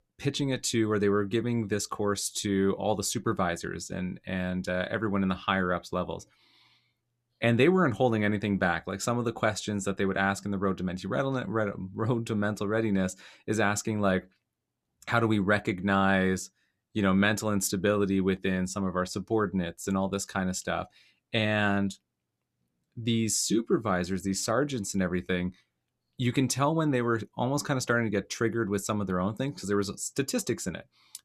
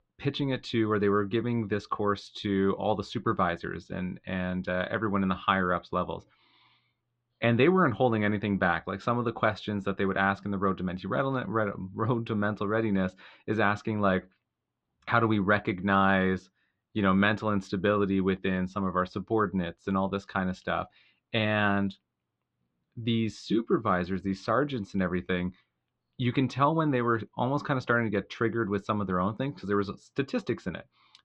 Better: first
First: none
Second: muffled; very; fading above 3.5 kHz

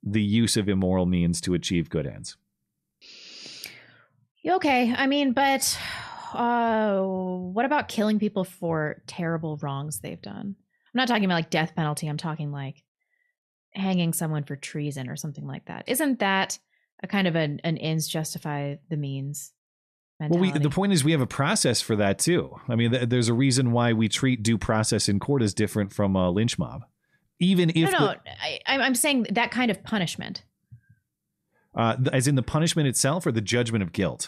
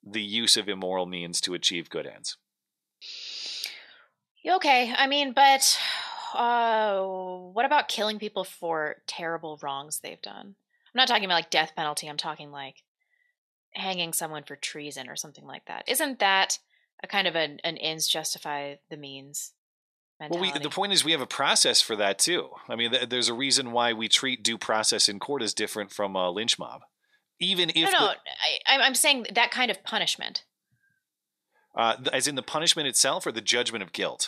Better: first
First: none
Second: thin; very; fading below 450 Hz

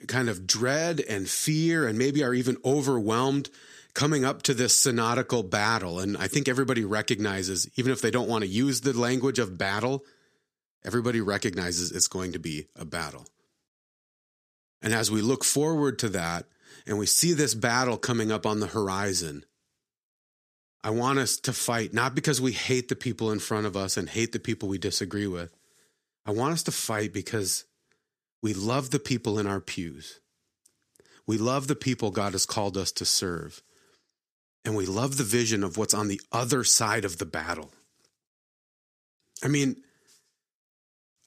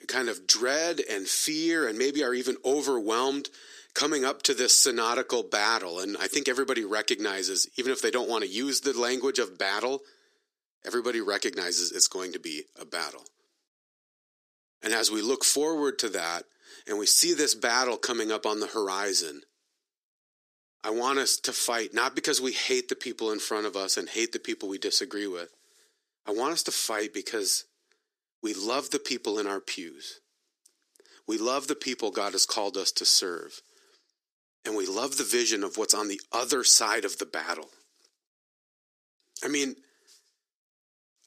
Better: first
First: none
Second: thin; somewhat; fading below 350 Hz

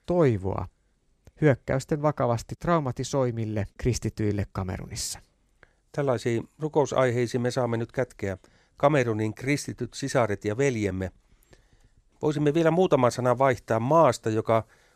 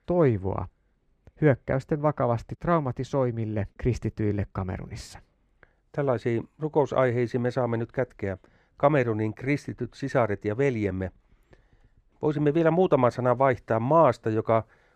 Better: first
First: none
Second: muffled; slightly; fading above 4 kHz

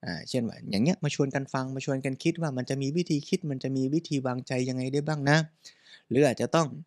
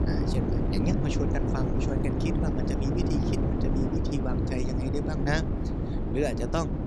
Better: first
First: none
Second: wind noise on the microphone; heavy; as loud as the speech

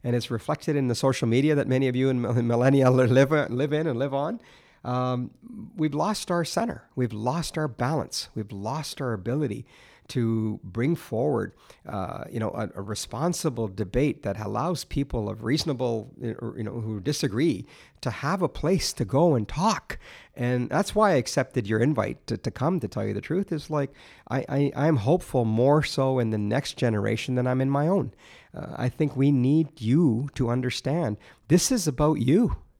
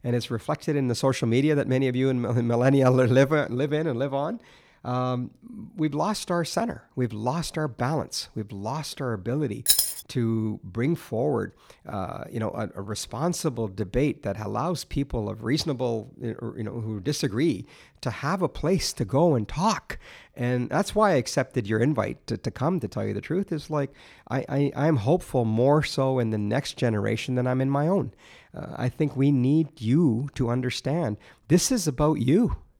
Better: first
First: none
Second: jangling keys; loud; at 9.5 s; peak 6 dB above the speech

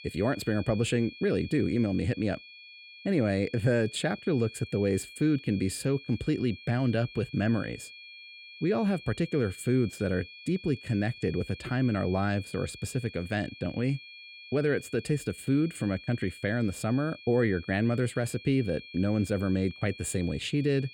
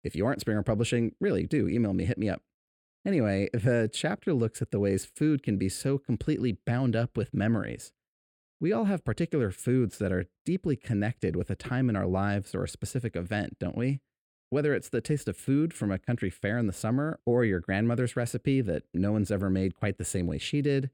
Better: second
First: high-pitched whine; noticeable; throughout; 2.5 kHz, 15 dB below the speech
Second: none

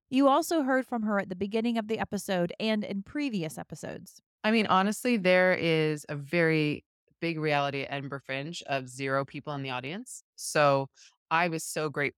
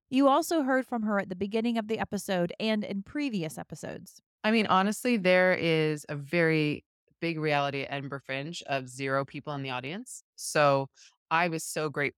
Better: neither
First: none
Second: none

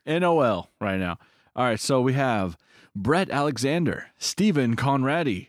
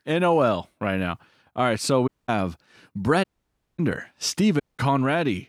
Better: first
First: none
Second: audio cutting out; at 2 s, at 3 s for 0.5 s and at 4.5 s

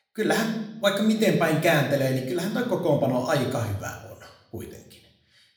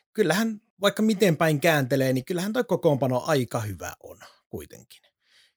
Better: second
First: room echo; slight; dies away in 0.7 s // off-mic speech; somewhat distant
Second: none

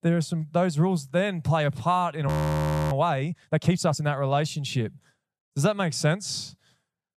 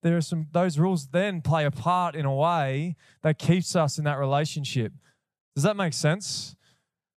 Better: second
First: audio freezing; at 2.5 s for 0.5 s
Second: none

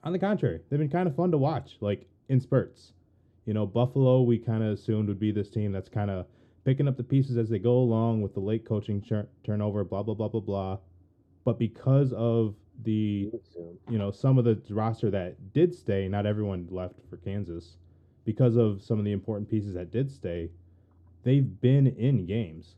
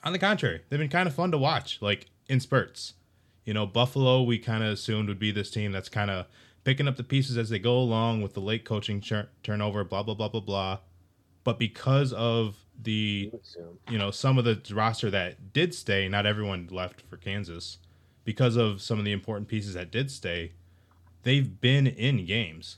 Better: second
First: muffled; very; fading above 1 kHz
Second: none

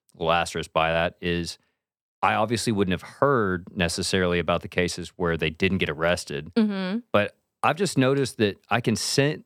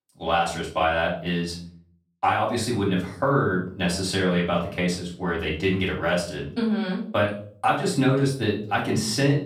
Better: first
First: none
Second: off-mic speech; far // room echo; slight; dies away in 0.4 s

